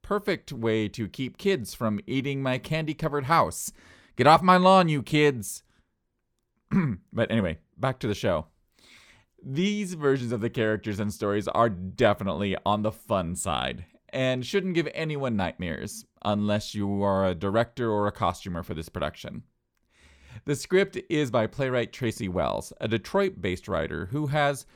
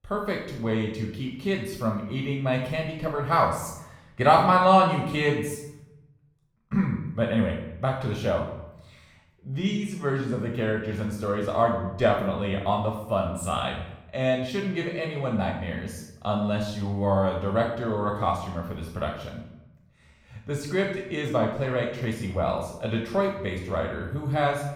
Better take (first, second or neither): first